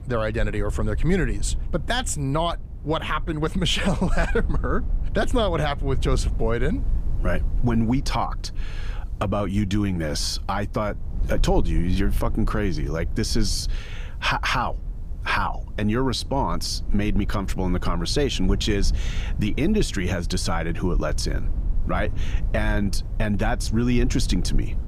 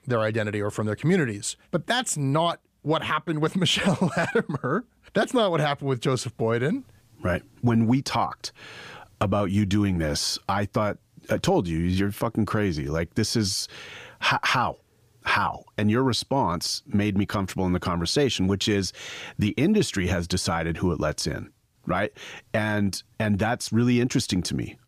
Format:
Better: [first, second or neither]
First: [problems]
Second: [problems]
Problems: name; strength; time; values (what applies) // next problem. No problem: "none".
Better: second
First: low rumble; faint; throughout; 20 dB below the speech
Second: none